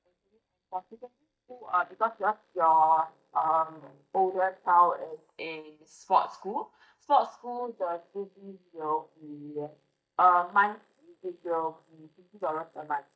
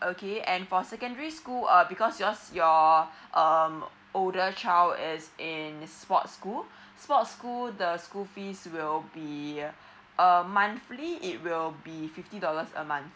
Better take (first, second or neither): second